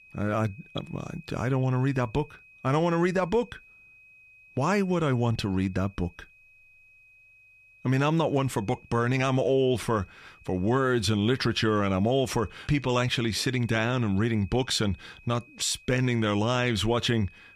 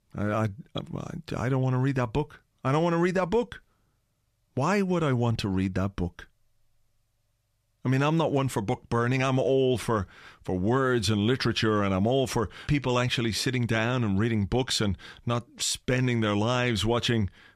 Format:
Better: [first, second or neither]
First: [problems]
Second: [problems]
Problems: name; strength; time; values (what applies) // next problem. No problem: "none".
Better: second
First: high-pitched whine; faint; throughout; 2.5 kHz, 25 dB below the speech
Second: none